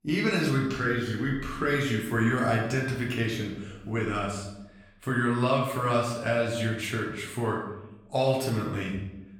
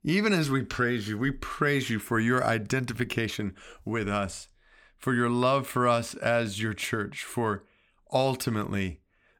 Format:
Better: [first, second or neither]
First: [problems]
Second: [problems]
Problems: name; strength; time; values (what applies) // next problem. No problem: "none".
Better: second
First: room echo; noticeable; dies away in 0.7 s // off-mic speech; far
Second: none